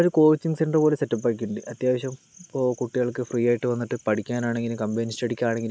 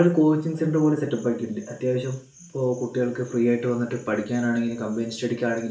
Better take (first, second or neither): first